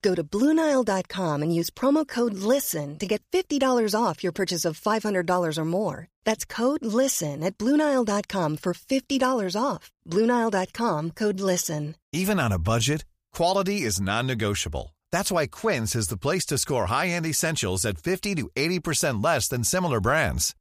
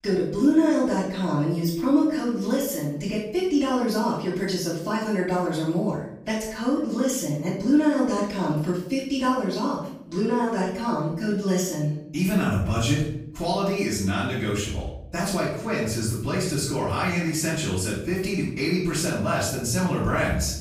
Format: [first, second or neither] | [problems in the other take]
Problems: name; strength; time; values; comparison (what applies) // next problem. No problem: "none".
first | off-mic speech; far // room echo; noticeable; dies away in 0.7 s